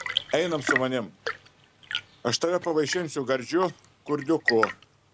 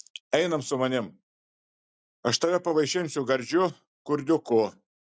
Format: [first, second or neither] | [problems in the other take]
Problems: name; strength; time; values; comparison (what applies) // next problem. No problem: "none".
second | background sound (Tap / Fill (with liquid) / Trickle, dribble / Chirp, tweet / Engine); 6 dB below the speech